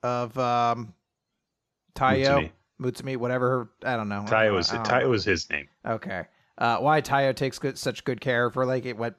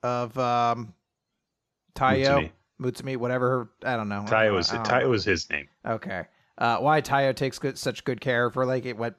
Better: neither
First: none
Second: none

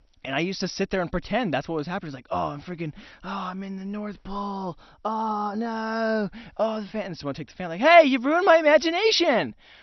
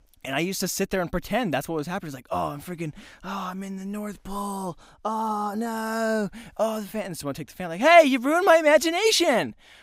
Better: second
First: garbled, watery; slightly; nothing above 6 kHz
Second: none

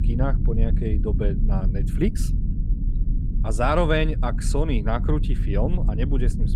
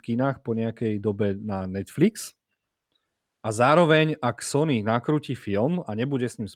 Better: second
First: low rumble; noticeable; throughout; 10 dB below the speech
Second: none

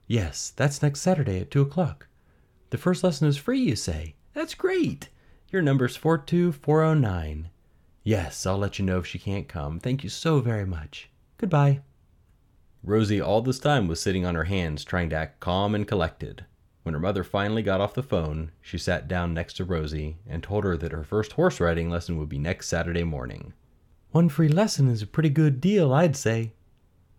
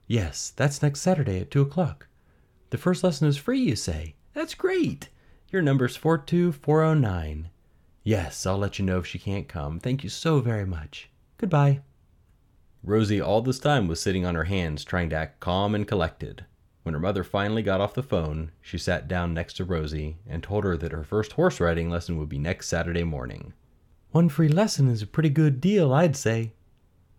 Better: neither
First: none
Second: none

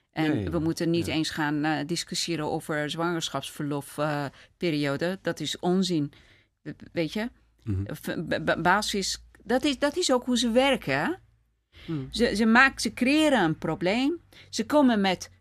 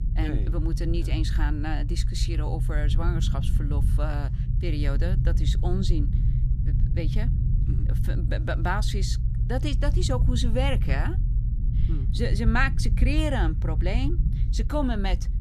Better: first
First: none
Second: low rumble; loud; throughout; 9 dB below the speech

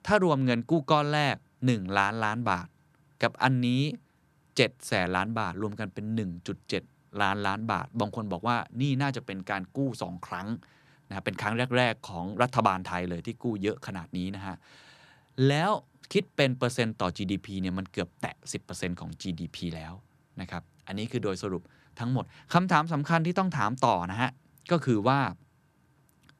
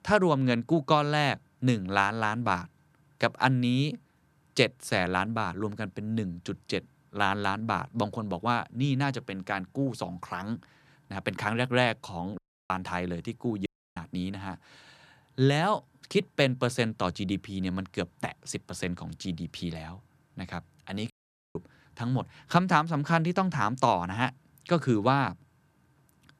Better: first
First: none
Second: audio cutting out; at 12 s, at 14 s and at 21 s

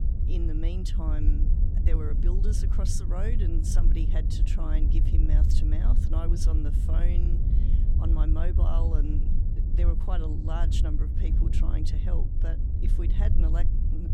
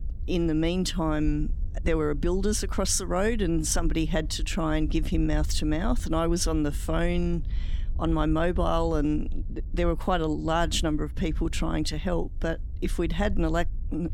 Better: second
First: low rumble; loud; throughout; 3 dB below the speech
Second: low rumble; faint; throughout; 25 dB below the speech

